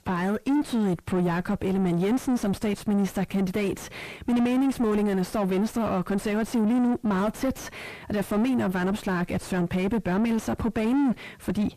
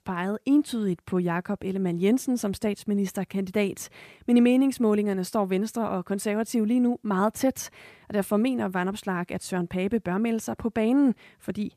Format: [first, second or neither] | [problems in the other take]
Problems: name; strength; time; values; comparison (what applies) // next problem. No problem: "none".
second | distortion; heavy; 4 dB below the speech